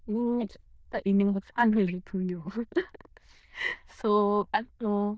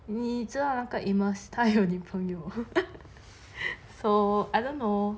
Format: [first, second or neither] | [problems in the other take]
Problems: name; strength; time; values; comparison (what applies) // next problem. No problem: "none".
second | noise reduction (neural diffusion model UNIVERSE++)